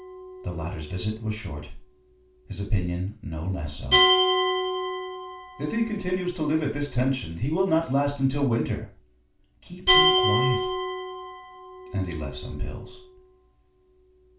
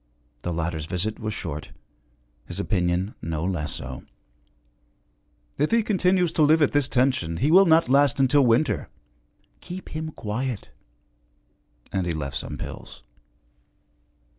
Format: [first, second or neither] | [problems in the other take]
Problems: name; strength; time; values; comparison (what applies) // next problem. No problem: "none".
second | background sound (Glass); as loud as the speech // room echo; dies away in 0.3 s